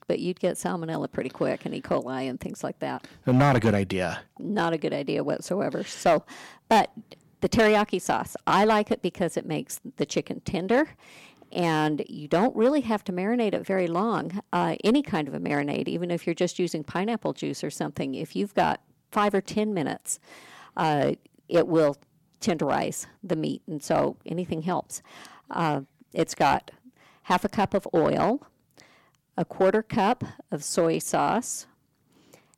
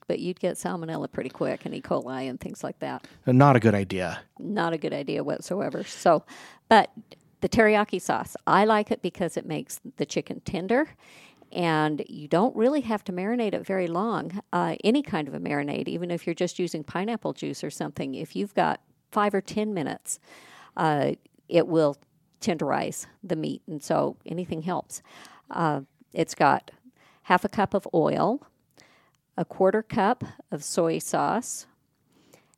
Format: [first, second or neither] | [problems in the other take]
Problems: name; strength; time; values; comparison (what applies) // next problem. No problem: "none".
second | distortion; slight; 1.8% of the sound clipped